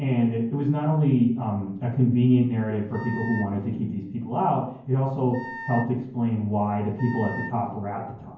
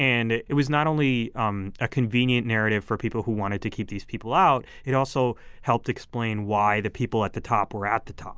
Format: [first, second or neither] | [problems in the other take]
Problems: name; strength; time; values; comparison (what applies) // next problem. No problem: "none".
second | background sound (Wind instrument, woodwind instrument); 14 dB below the speech // room echo; dies away in 0.9 s